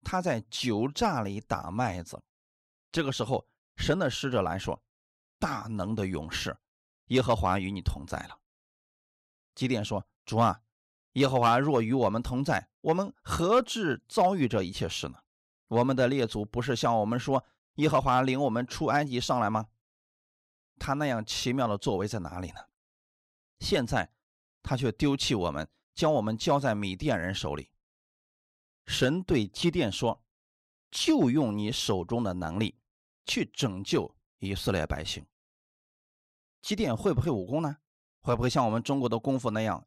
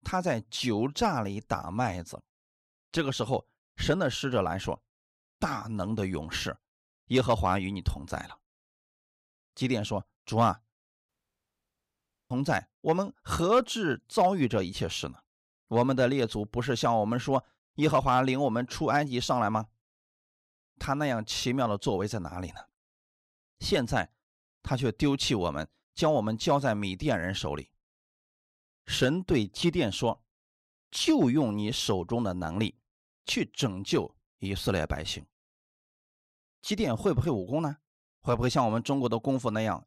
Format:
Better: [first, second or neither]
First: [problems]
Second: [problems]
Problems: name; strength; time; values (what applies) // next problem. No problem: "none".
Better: first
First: none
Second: audio cutting out; at 11 s for 1 s